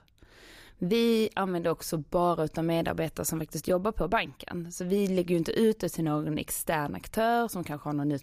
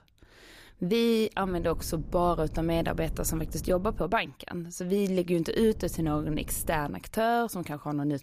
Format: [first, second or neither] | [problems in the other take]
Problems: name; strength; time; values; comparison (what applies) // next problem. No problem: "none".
first | low rumble; faint; from 1.5 to 4 s and from 5.5 to 7 s; 25 dB below the speech